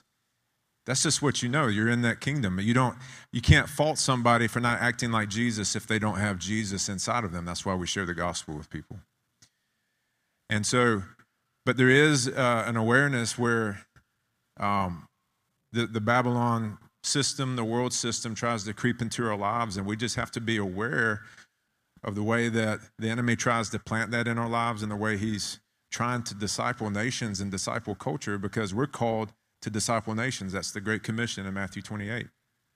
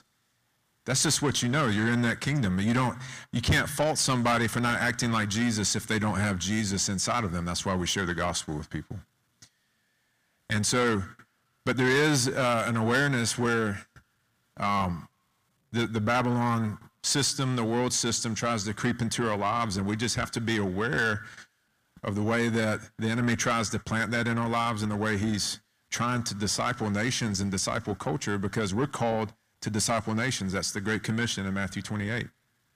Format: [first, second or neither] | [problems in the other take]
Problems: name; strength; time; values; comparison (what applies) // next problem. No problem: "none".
first | distortion; heavy; 8 dB below the speech